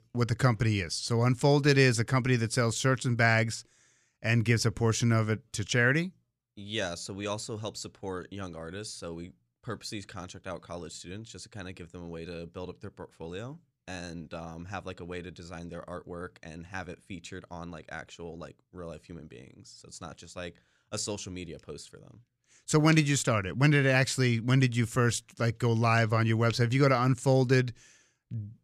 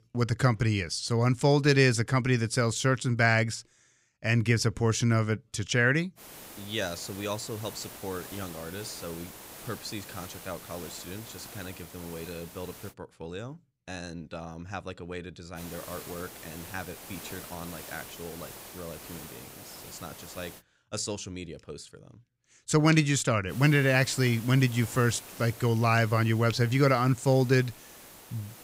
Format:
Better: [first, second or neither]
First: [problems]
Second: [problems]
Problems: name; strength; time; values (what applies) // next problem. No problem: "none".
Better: first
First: none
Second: hiss; noticeable; from 6 to 13 s, from 16 to 21 s and from 24 s on; 15 dB below the speech